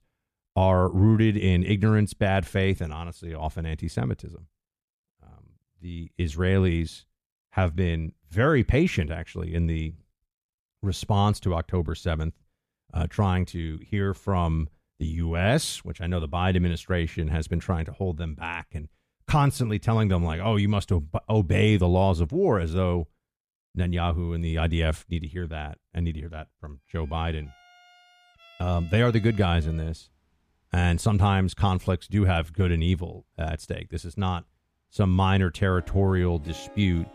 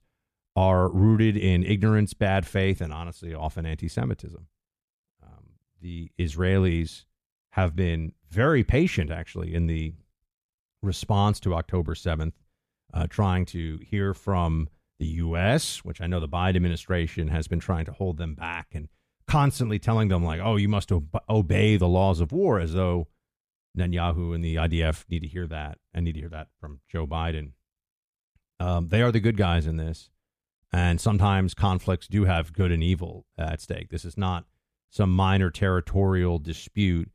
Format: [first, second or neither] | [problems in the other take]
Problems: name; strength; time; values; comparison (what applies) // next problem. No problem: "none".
second | background music; faint; from 27 s on; 25 dB below the speech